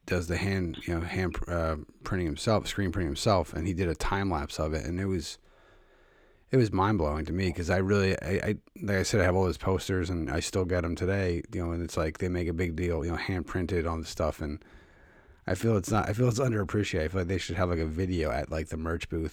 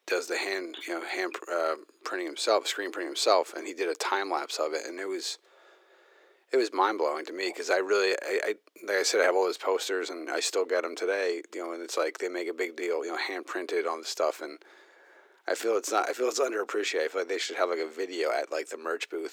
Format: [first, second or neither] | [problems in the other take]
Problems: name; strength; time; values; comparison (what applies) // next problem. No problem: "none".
first | thin; very; fading below 350 Hz